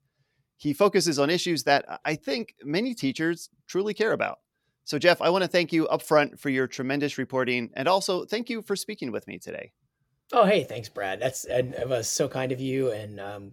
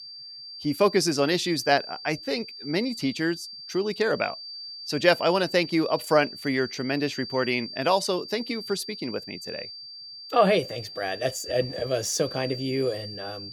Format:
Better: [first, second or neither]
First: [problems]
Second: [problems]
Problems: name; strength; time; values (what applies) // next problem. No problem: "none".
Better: first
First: none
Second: high-pitched whine; noticeable; throughout; 4.5 kHz, 10 dB below the speech